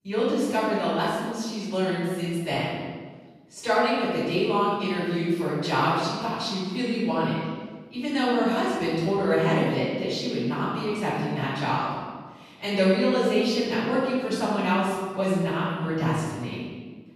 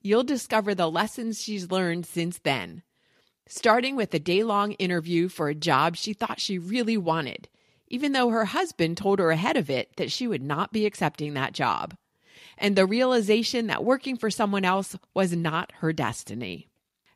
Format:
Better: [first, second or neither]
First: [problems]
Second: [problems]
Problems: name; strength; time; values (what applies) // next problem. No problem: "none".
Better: second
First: off-mic speech; far // room echo; strong; dies away in 1.4 s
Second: none